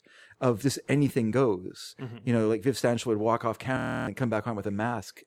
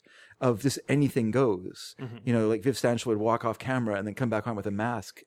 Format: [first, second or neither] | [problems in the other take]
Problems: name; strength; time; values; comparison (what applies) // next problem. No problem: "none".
second | audio freezing; at 4 s